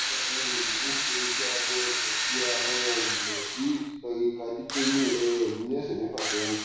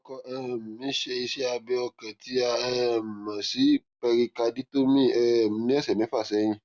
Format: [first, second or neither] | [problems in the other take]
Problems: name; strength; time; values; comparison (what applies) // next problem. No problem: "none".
second | background sound (Drill); 1 dB above the speech // room echo; dies away in 1.1 s